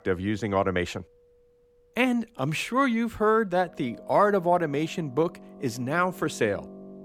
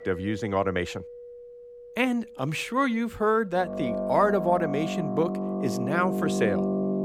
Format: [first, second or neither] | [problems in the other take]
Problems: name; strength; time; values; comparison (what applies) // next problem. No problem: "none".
first | background music; loud; throughout; 3 dB below the speech; faint in the first